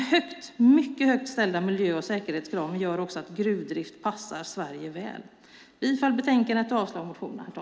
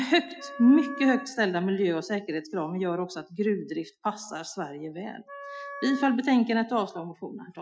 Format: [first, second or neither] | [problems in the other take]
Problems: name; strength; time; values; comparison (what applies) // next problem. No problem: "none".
first | noise reduction (classical method Wiener filter)